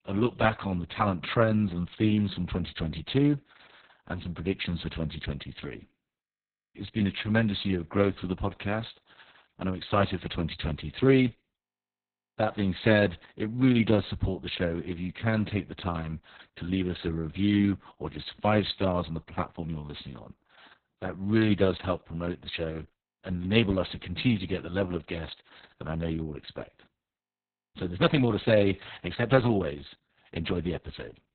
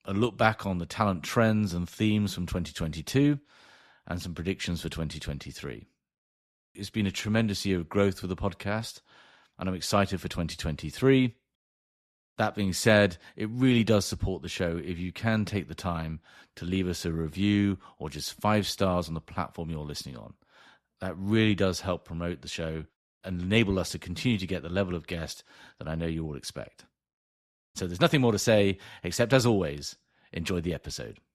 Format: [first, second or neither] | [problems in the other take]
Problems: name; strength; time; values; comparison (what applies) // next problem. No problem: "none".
second | garbled, watery; badly; nothing above 4 kHz